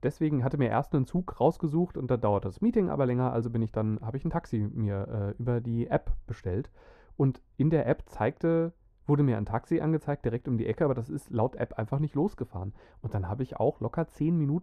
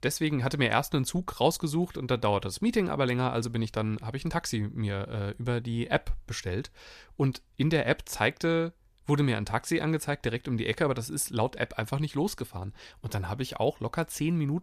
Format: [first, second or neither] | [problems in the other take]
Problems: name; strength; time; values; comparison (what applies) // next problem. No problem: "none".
second | muffled; very; fading above 2 kHz